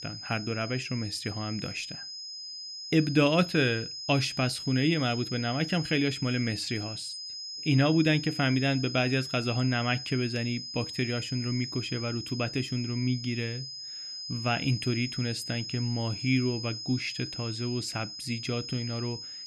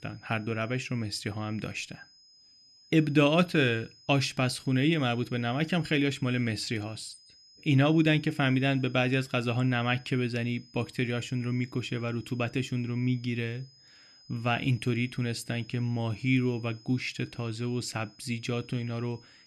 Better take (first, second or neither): second